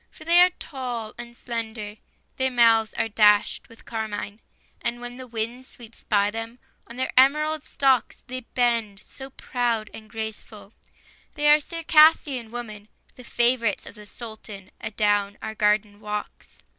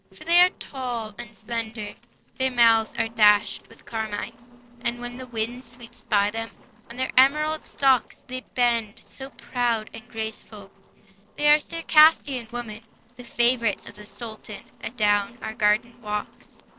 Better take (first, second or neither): first